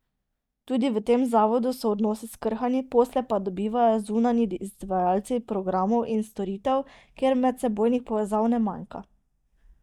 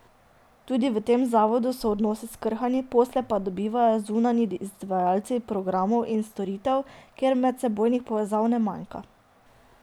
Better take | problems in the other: second | noise reduction (neural mask model DeepFilterNet 3)

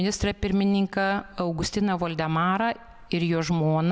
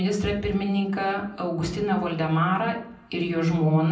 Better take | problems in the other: first | room echo; dies away in 0.6 s

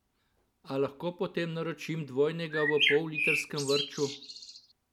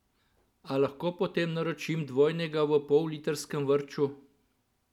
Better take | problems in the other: second | background sound (Bird); as loud as the speech

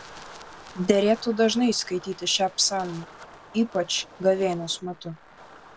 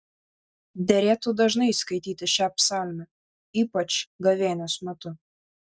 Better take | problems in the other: second | background sound (Wind); 19 dB below the speech

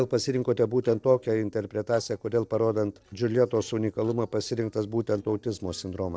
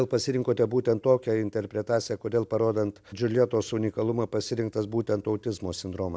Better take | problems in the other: second | noise reduction (neural separator model SepFormer DNS4)

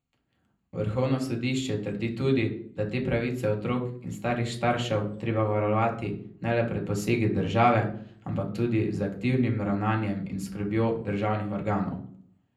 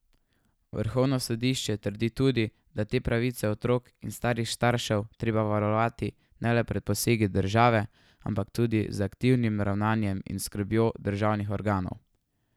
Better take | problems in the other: second | room echo; dies away in 0.6 s

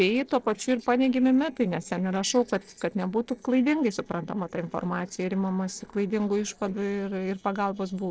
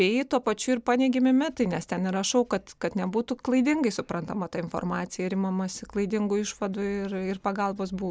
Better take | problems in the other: second | noise reduction (neural separator model SepFormer DNS4)

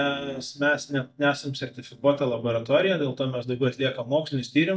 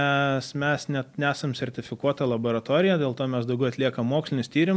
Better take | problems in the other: second | noise reduction (neural mask model DeepFilterNet 3)

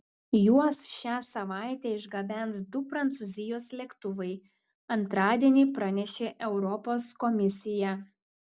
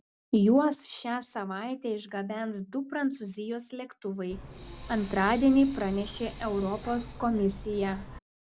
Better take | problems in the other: first | background sound (Hiss); 14 dB below the speech

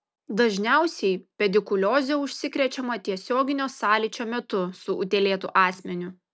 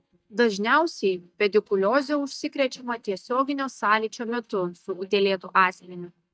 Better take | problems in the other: first | noise reduction (neural mask model DeepFilterNet 3)

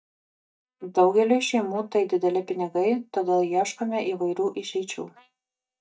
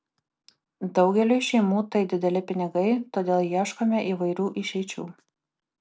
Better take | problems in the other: second | noise reduction (neural mask model DeepFilterNet 3)

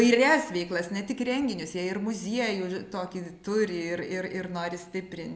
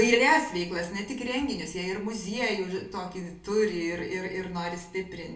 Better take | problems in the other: first | room echo; dies away in 0.2 s

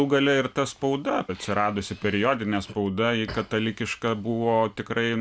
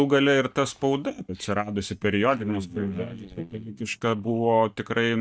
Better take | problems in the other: first | noise reduction (neural mask model DeepFilterNet 3)

